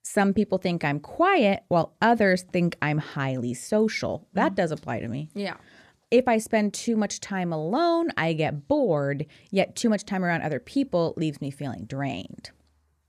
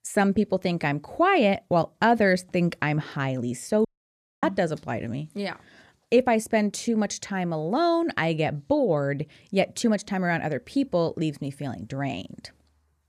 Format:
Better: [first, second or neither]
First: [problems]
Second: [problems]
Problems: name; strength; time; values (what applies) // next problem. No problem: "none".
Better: first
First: none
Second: audio cutting out; at 4 s for 0.5 s